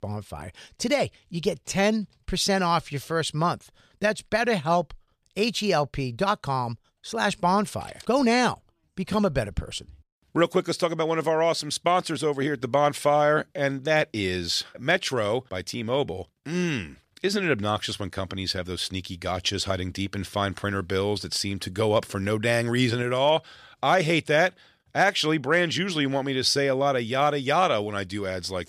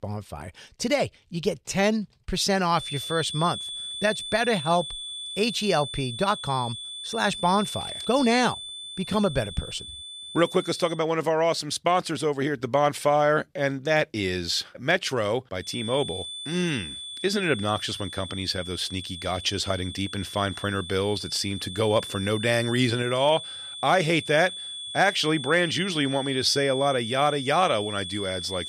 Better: first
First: none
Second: high-pitched whine; loud; from 3 to 11 s and from 16 s on; 3.5 kHz, 9 dB below the speech

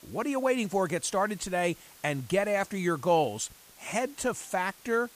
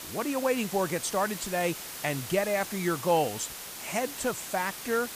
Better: first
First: hiss; faint; throughout; 20 dB below the speech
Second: hiss; loud; throughout; 8 dB below the speech

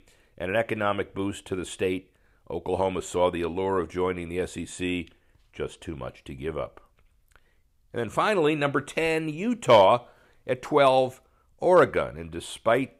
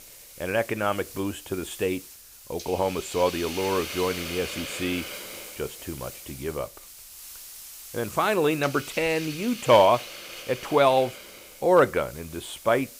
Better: first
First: none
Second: hiss; noticeable; throughout; 10 dB below the speech

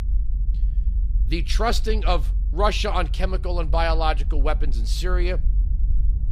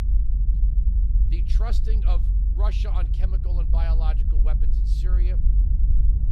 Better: first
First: low rumble; faint; throughout; 20 dB below the speech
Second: low rumble; loud; throughout; 4 dB below the speech

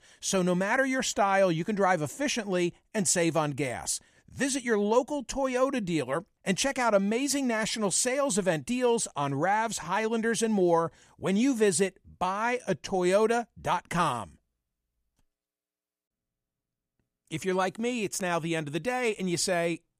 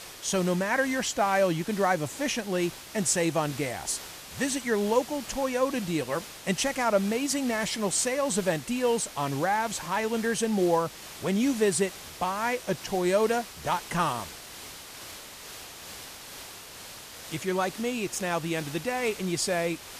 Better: first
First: none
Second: hiss; noticeable; throughout; 15 dB below the speech

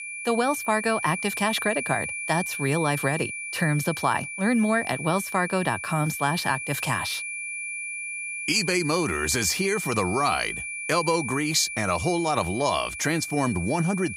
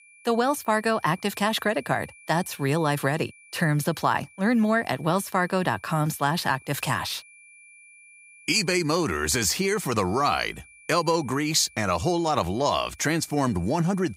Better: second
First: high-pitched whine; loud; throughout; 2.5 kHz, 6 dB below the speech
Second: high-pitched whine; faint; throughout; 2.5 kHz, 25 dB below the speech

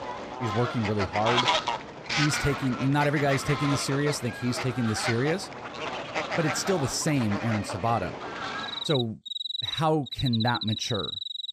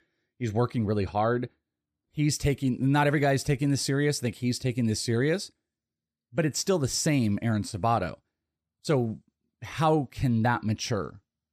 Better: second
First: animal sounds; loud; throughout; 3 dB below the speech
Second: none

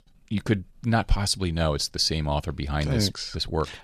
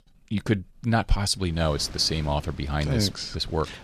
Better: first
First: none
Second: wind noise on the microphone; occasional gusts; from 1.5 s on; 20 dB below the speech

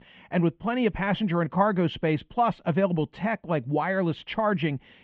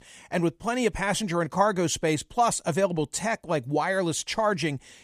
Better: second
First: muffled; very; fading above 3 kHz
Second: none

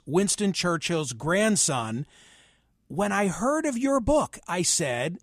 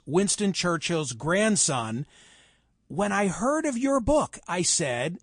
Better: first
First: none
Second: garbled, watery; slightly; nothing above 9.5 kHz

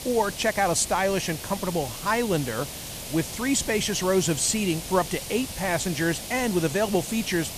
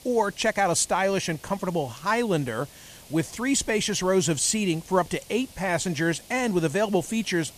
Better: second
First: hiss; loud; throughout; 9 dB below the speech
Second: hiss; faint; throughout; 20 dB below the speech

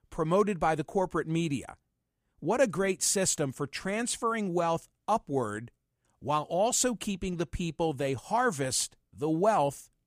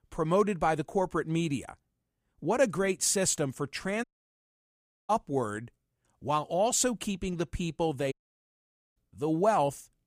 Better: first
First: none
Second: audio cutting out; at 4 s for 1 s and at 8 s for 1 s

